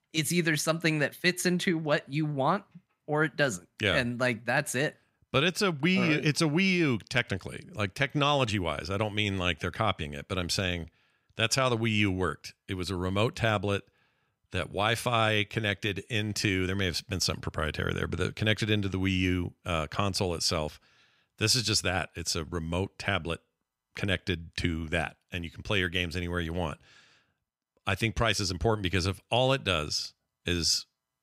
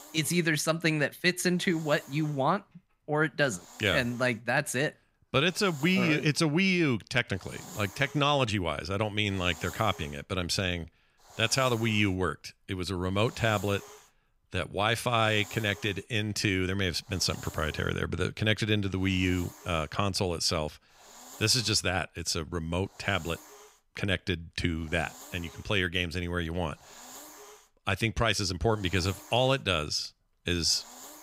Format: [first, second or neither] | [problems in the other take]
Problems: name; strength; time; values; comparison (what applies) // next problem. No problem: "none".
first | hiss; noticeable; throughout; 20 dB below the speech